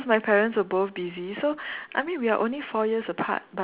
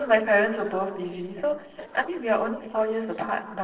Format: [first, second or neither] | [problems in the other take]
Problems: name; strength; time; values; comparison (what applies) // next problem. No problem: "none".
first | noise reduction (neural separator model SepFormer DNS4)